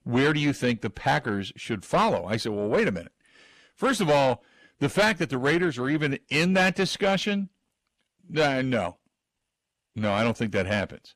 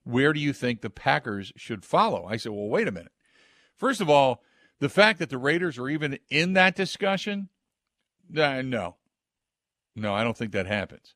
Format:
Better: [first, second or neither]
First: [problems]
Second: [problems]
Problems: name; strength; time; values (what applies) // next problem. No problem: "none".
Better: second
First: distortion; heavy; 7 dB below the speech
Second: none